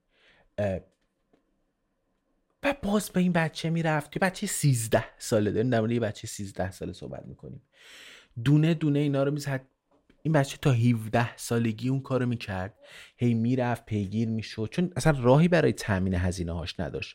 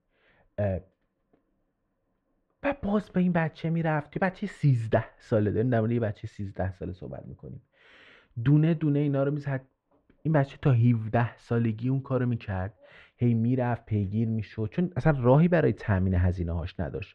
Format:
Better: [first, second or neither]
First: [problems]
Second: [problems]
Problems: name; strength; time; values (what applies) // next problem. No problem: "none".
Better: first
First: none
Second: muffled; very; fading above 2 kHz